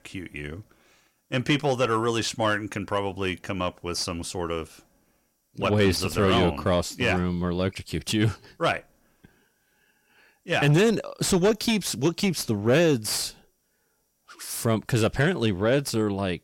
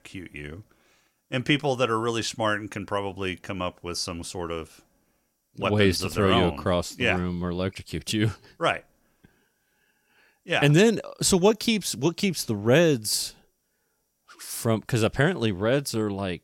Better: second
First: distortion; slight; 10 dB below the speech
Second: none

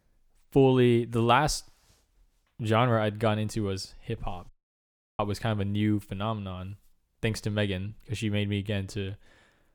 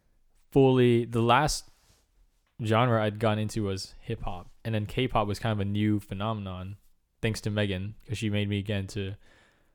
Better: second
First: audio cutting out; at 4.5 s for 0.5 s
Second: none

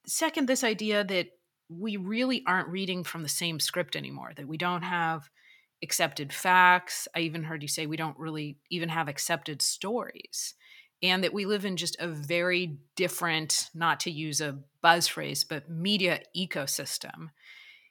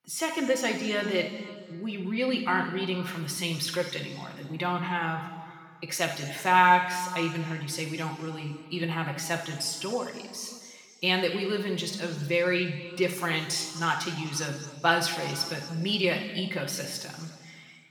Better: first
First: none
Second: room echo; noticeable; dies away in 1.9 s // off-mic speech; somewhat distant

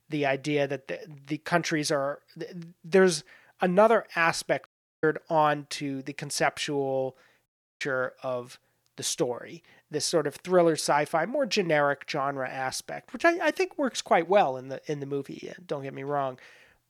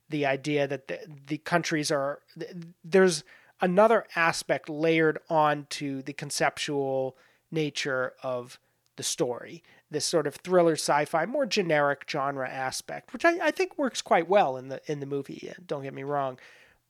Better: second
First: audio cutting out; at 4.5 s and at 7.5 s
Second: none

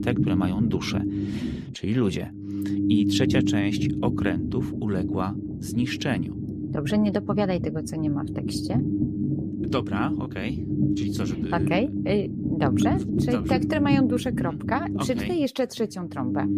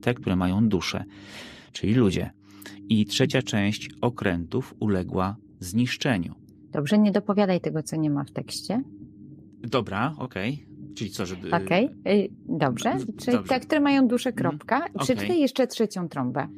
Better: second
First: low rumble; loud; throughout; 3 dB below the speech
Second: low rumble; faint; throughout; 25 dB below the speech

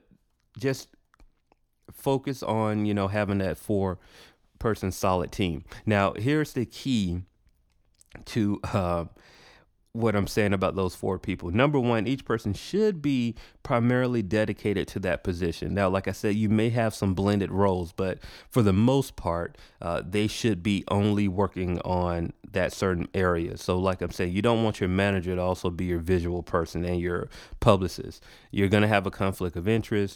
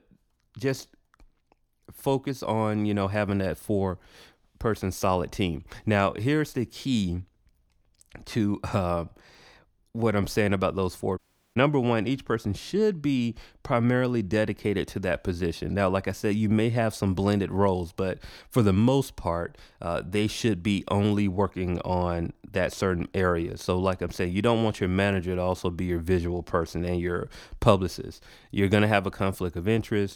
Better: first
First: none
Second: audio cutting out; at 11 s

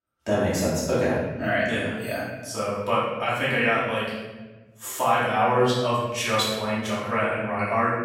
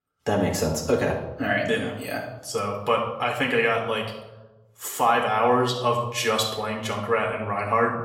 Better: second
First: room echo; strong; dies away in 1.2 s // off-mic speech; far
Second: room echo; slight; dies away in 0.8 s // off-mic speech; somewhat distant

